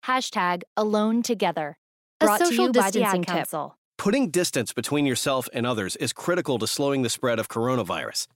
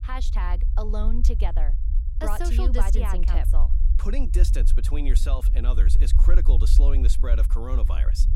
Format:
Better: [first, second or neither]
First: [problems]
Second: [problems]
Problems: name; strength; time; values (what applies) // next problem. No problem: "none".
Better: first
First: none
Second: low rumble; loud; throughout; 9 dB below the speech